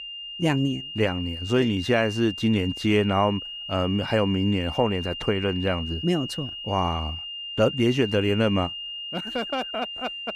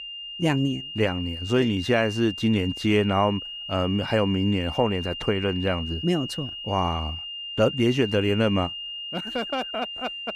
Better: neither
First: high-pitched whine; loud; throughout; 3 kHz, 8 dB below the speech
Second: high-pitched whine; loud; throughout; 3 kHz, 8 dB below the speech

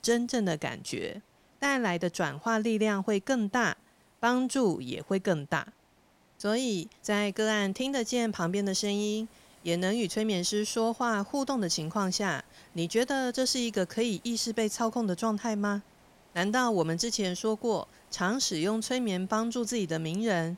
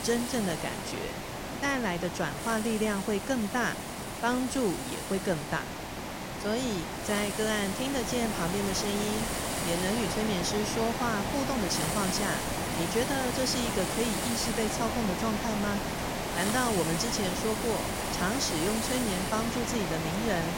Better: first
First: hiss; faint; throughout; 30 dB below the speech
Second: hiss; loud; throughout; 1 dB below the speech

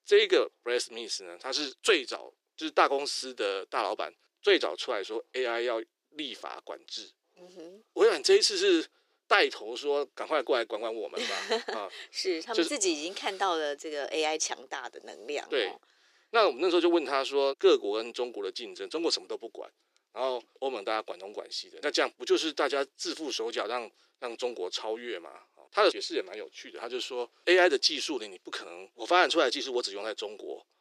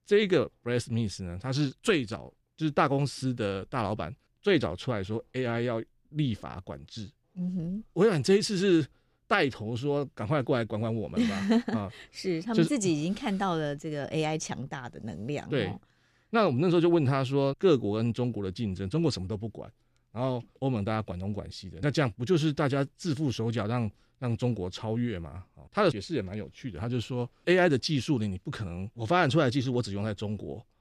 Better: second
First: thin; very; fading below 350 Hz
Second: none

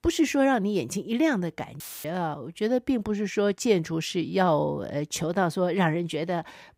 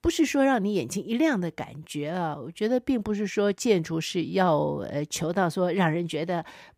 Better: second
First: audio cutting out; filled with static; at 2 s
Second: none

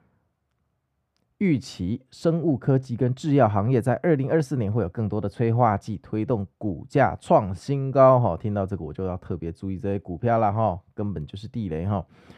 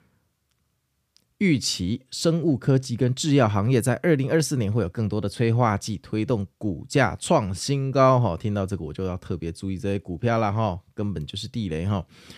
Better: second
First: muffled; very; fading above 2.5 kHz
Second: none

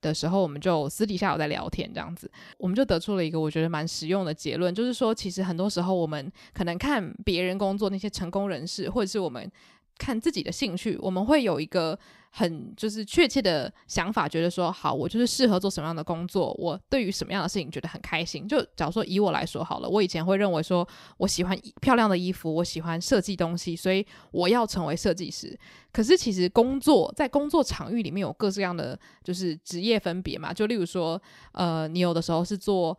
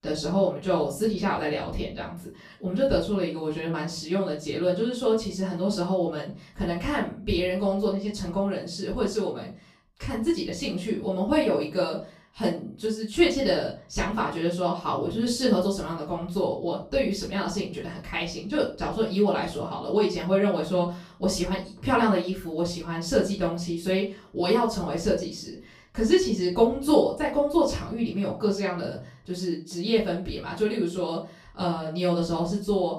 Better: first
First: none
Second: off-mic speech; far // room echo; slight; dies away in 0.3 s

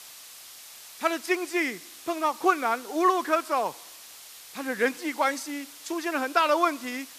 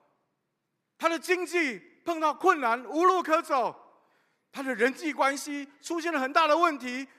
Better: second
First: hiss; noticeable; throughout; 15 dB below the speech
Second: none

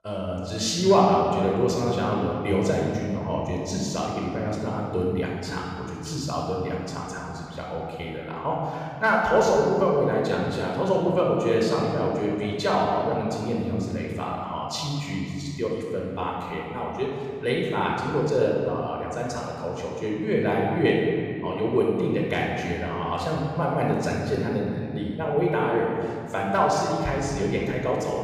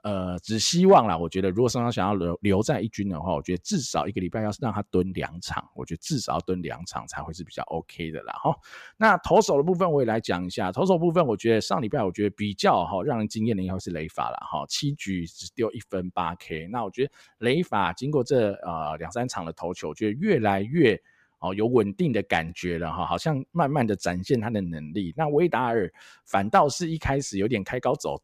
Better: second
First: off-mic speech; somewhat distant // room echo; noticeable; dies away in 1.9 s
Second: none

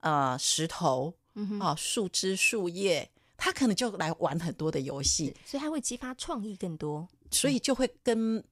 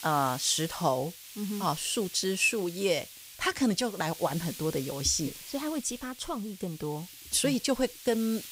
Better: first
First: none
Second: hiss; noticeable; throughout; 15 dB below the speech

